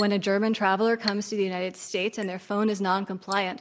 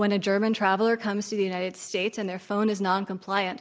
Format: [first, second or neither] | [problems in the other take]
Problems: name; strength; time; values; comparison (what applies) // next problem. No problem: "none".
second | noise reduction (neural mask model Resemble Enhance denoiser)